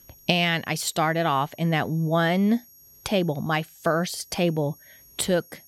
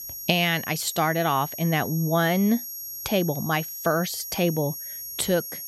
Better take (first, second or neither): first